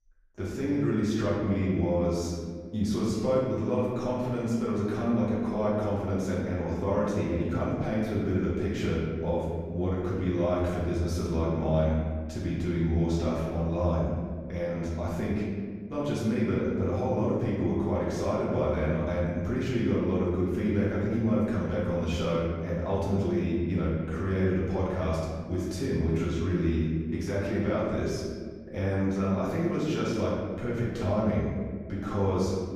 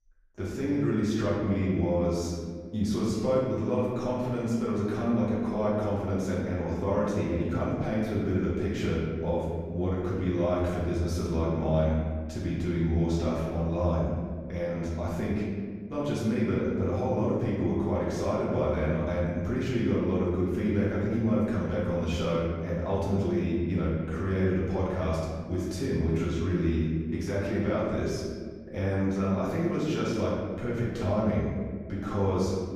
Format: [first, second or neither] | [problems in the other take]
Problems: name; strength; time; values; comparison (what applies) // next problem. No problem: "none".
neither | room echo; noticeable; dies away in 1.7 s; the same in both // off-mic speech; far; the same in both